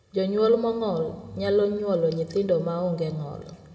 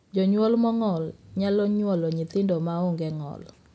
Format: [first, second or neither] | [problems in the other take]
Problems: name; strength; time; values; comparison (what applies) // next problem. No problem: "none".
second | room echo; dies away in 1.2 s